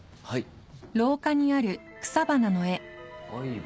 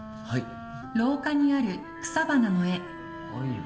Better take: first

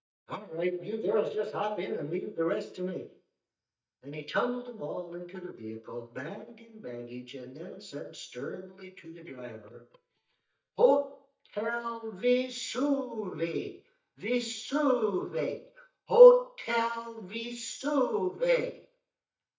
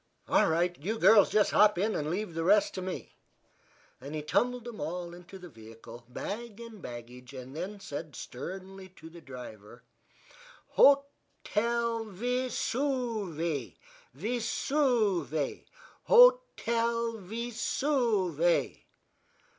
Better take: second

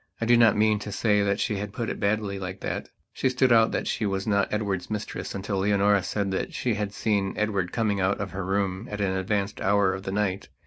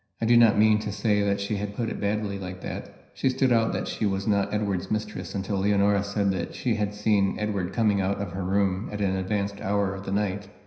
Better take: first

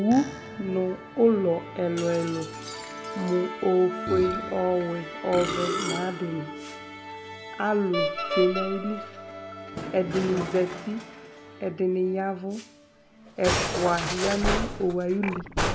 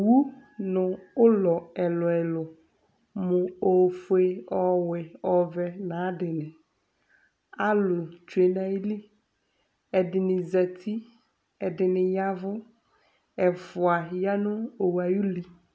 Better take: second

